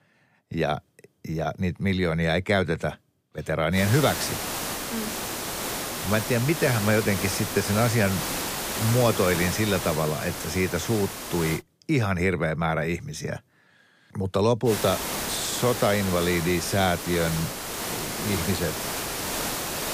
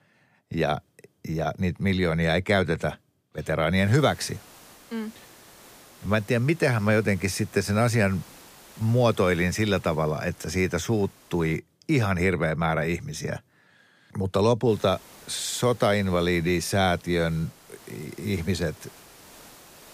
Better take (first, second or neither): second